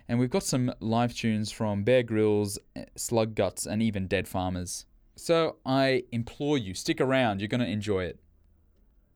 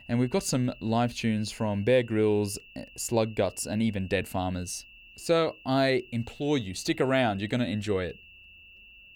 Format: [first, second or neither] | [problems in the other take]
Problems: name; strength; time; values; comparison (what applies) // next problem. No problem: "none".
first | high-pitched whine; faint; throughout; 2.5 kHz, 20 dB below the speech